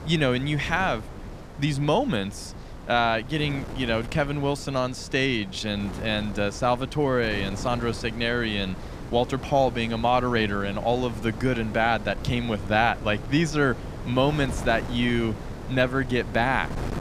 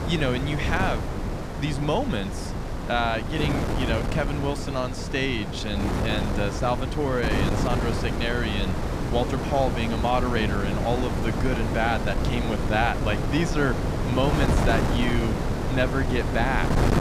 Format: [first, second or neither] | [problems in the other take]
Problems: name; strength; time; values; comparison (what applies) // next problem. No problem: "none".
first | wind noise on the microphone; heavy; 4 dB below the speech; occasional gusts in the first